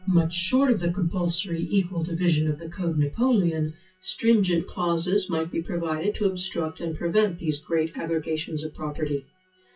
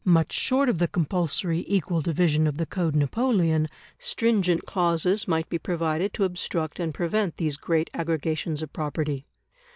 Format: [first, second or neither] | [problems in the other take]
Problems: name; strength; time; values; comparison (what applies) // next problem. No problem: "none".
second | noise reduction (classical method WPE with log-MMSE)